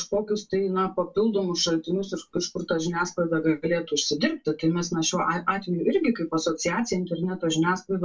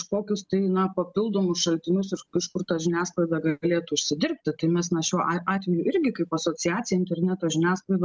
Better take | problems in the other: second | room echo; dies away in 0.1 s

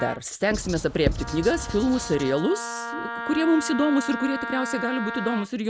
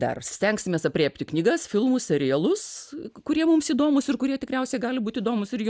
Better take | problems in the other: second | background sound (Wind instrument, woodwind instrument + Writing); 7 dB below the speech

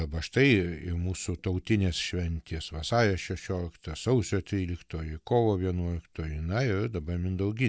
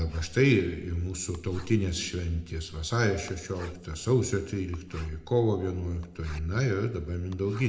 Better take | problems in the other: first | background sound (Writing); 20 dB below the speech // room echo; dies away in 0.6 s

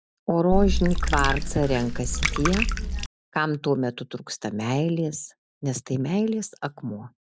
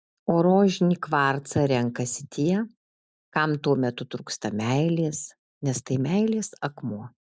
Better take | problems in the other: second | background sound (Water / Liquid); 2 dB above the speech

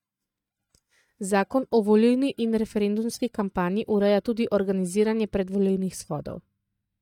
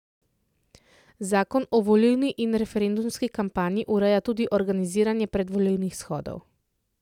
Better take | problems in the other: second | noise reduction (neural mask model DeepFilterNet 3)

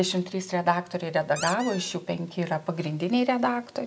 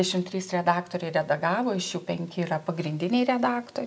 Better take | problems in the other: second | background sound (Squeak); 11 dB below the speech

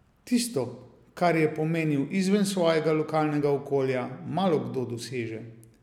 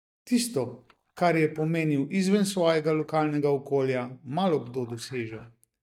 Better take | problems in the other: first | noise reduction (neural mask model DeepFilterNet 3)

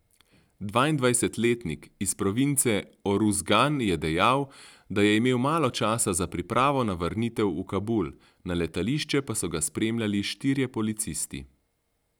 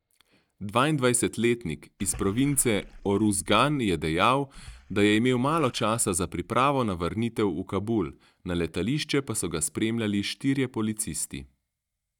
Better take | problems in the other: first | noise reduction (neural mask model DeepFilterNet 3)

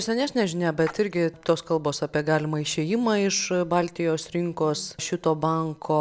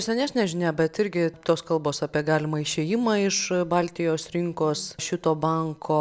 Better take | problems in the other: second | background sound (Splash, splatter); 20 dB below the speech

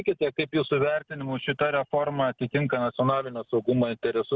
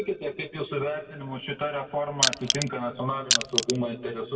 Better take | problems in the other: first | background sound (Crushing); 3 dB above the speech // room echo; dies away in 1.5 s

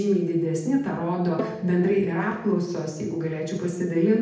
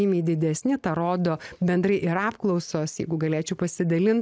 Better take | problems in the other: second | background sound (Bowed string instrument); 15 dB below the speech // room echo; dies away in 0.8 s

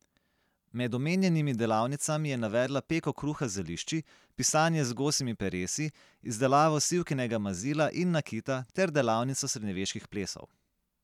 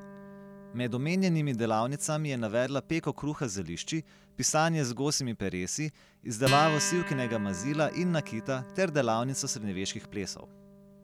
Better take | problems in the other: first | background sound (Acoustic guitar); 11 dB below the speech

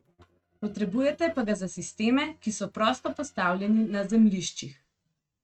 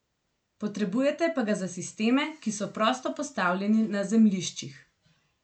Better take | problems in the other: second | noise reduction (neural mask model RNNoise)

